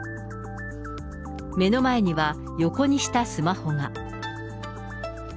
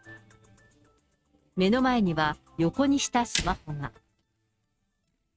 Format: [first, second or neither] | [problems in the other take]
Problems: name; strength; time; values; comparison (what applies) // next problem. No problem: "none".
first | noise reduction (neural mask model RNNoise)